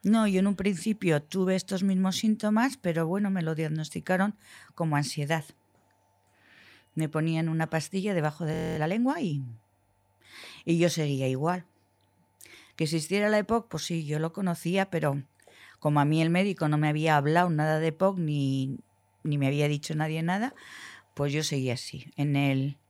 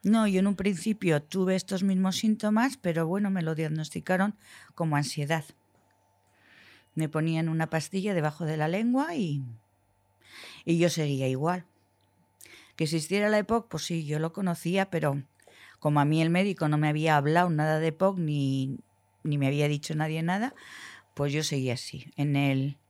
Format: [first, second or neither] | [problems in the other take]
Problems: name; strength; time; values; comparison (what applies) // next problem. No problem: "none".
second | audio freezing; at 8.5 s